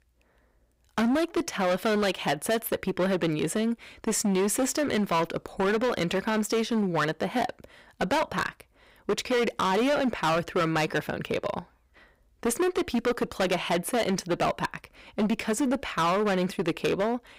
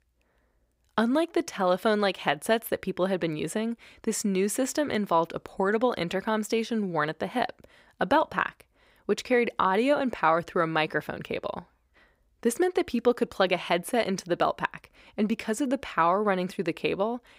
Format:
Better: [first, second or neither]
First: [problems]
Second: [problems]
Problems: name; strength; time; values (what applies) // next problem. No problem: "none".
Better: second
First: distortion; heavy; 14% of the sound clipped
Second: none